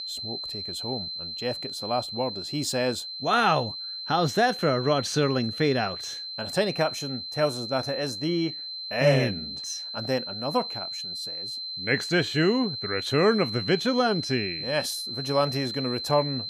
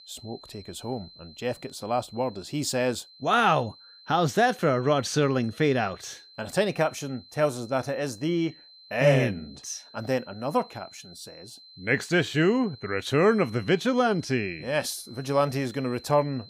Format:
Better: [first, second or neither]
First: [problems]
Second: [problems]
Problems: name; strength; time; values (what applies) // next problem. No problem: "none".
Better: second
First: high-pitched whine; loud; throughout; 4 kHz, 6 dB below the speech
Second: high-pitched whine; faint; throughout; 4 kHz, 20 dB below the speech